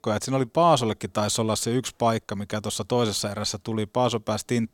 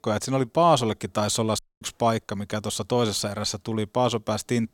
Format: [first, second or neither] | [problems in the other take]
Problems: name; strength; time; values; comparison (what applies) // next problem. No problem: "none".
first | audio cutting out; at 1.5 s